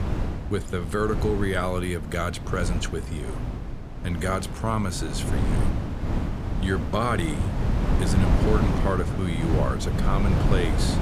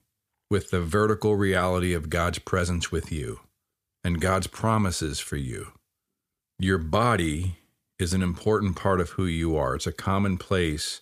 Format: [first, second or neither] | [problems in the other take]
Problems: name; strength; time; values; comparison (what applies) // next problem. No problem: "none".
second | wind noise on the microphone; heavy; 5 dB below the speech